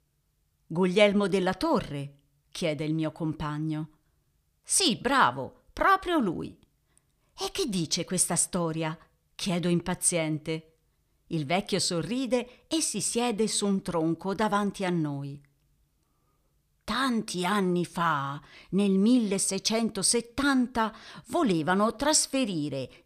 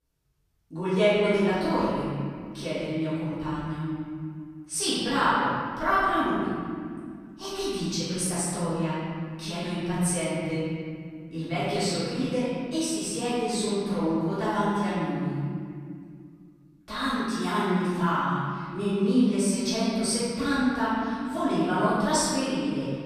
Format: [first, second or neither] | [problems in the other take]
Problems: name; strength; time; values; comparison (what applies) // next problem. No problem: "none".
first | off-mic speech; far // room echo; strong; dies away in 2.2 s